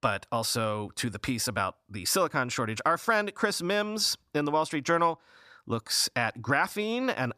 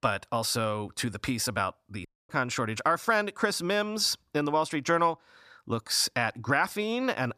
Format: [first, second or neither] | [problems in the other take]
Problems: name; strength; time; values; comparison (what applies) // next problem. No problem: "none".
first | audio cutting out; at 2 s